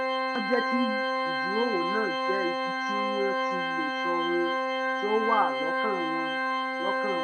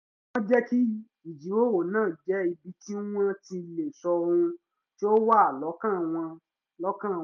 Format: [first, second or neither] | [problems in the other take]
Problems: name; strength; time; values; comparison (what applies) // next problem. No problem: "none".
second | background sound (Organ); 3 dB above the speech